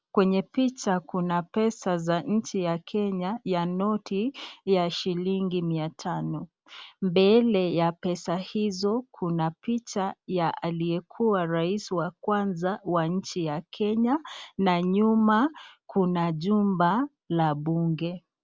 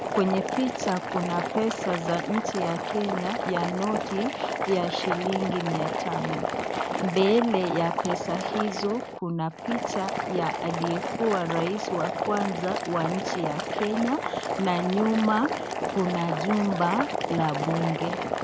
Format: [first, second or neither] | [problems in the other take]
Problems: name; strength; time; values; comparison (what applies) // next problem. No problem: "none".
first | background sound (Boiling); 2 dB below the speech